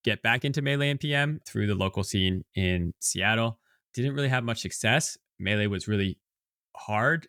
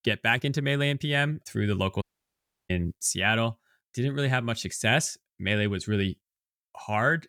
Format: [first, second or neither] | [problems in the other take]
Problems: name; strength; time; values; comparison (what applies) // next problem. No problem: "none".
first | audio cutting out; at 2 s for 0.5 s